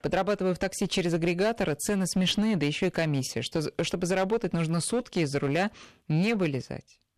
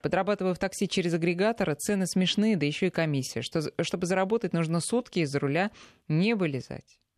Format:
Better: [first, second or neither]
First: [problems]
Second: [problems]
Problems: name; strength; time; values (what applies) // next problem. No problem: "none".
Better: second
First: distortion; slight; 9% of the sound clipped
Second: none